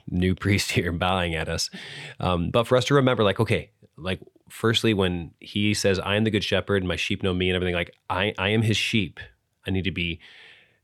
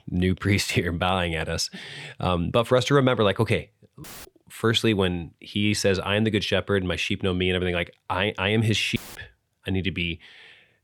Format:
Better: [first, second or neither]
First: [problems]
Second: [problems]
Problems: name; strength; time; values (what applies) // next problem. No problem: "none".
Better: first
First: none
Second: audio cutting out; filled with static; at 4 s and at 9 s